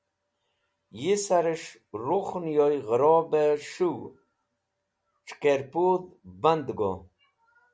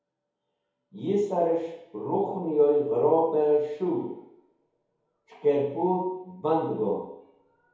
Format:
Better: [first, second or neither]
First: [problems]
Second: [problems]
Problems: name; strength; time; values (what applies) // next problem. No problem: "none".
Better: first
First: none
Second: room echo; dies away in 2 s